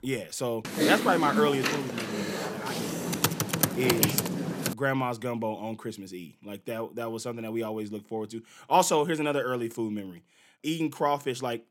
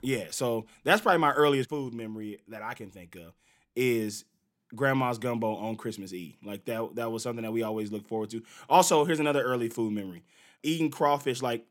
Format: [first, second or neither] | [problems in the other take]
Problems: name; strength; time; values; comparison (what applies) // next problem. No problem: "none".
second | keyboard typing; loud; from 0.5 to 4.5 s; peak 5 dB above the speech